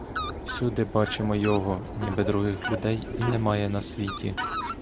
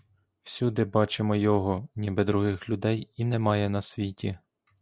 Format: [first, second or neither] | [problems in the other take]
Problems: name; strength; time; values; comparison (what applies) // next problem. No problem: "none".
second | background sound (Fowl); 6 dB below the speech